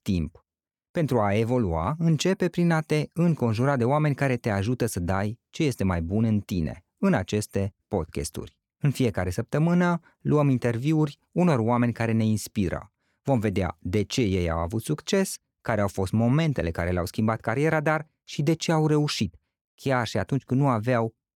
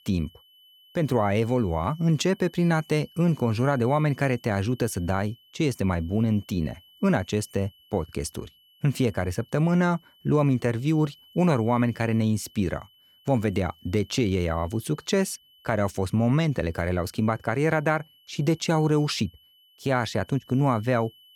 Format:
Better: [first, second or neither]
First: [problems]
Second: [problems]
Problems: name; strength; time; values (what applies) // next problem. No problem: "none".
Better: first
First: none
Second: high-pitched whine; faint; throughout; 3 kHz, 30 dB below the speech